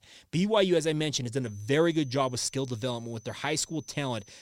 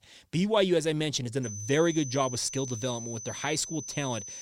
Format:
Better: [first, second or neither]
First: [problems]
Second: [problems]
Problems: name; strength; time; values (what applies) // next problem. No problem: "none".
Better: first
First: high-pitched whine; faint; from 1.5 s on; 6 kHz, 25 dB below the speech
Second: high-pitched whine; loud; from 1.5 s on; 6 kHz, 10 dB below the speech